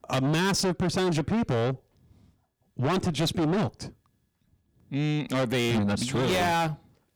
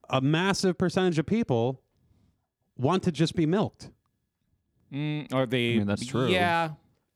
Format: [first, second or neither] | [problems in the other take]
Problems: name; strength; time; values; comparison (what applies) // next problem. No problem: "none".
second | distortion; heavy; 6 dB below the speech